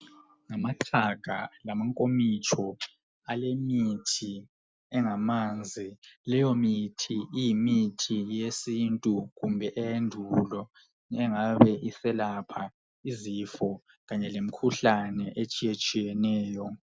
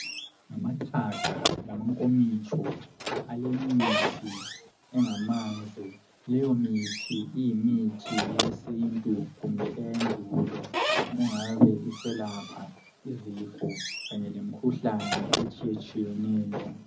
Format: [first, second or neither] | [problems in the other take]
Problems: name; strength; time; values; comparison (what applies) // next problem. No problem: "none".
first | background sound (Squeak / Slam); 6 dB below the speech // room echo; dies away in 0.4 s